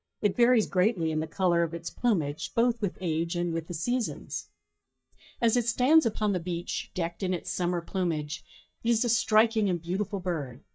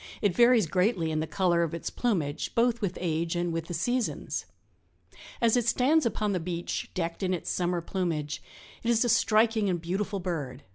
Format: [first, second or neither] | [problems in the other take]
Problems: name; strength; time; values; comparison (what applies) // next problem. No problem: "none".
second | noise reduction (neural mask model DeepFilterNet 3)